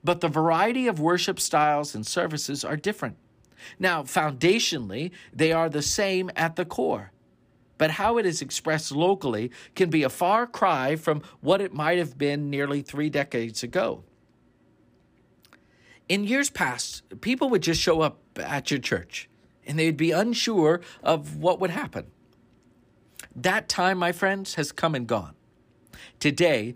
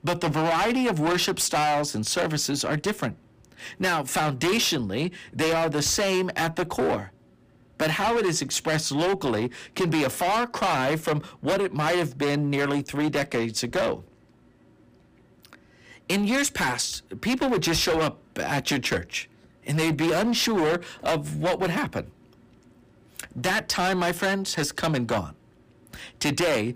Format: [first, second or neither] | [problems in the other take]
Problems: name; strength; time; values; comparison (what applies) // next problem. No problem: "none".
first | distortion; heavy; 18% of the sound clipped